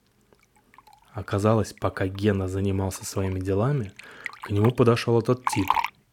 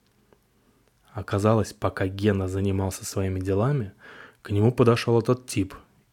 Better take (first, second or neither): second